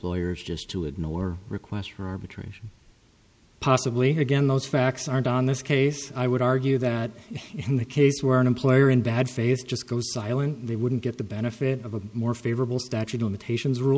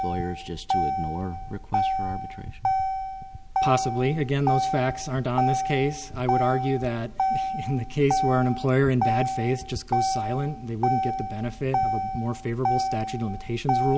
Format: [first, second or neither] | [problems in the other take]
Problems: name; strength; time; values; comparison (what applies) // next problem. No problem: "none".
first | background sound (Motor vehicle (road)); 1 dB below the speech